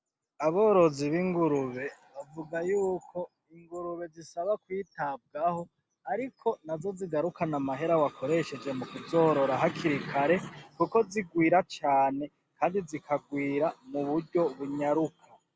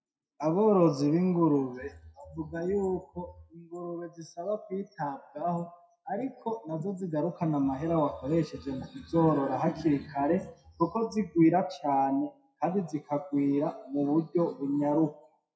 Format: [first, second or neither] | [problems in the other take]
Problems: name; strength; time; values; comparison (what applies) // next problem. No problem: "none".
first | noise reduction (classical method WPE with log-MMSE)